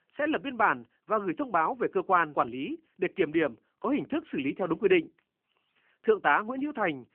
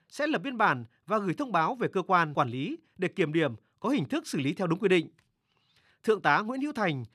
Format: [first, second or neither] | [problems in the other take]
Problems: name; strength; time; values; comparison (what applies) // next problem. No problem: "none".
second | phone-call audio